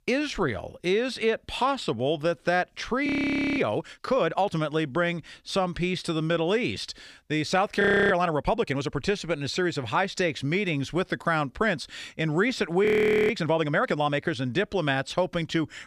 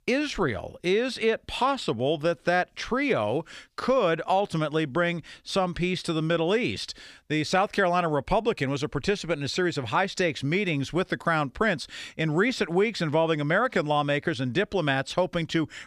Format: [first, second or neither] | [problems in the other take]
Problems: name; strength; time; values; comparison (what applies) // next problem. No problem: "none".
second | audio freezing; at 3 s for 0.5 s, at 8 s and at 13 s